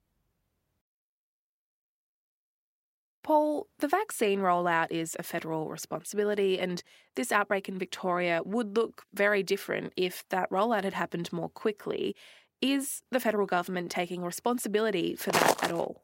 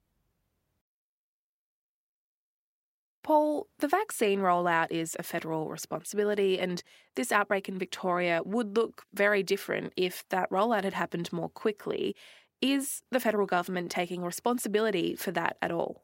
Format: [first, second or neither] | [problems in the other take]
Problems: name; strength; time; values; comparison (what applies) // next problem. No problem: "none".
second | footsteps; loud; at 15 s; peak 4 dB above the speech